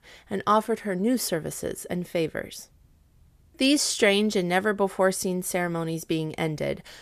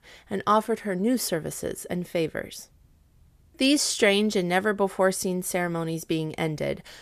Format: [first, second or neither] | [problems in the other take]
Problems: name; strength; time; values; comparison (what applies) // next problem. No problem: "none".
neither | none